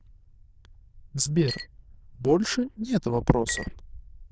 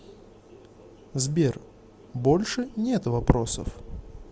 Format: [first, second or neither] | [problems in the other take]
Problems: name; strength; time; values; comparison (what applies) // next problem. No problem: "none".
second | noise reduction (neural diffusion model UNIVERSE++)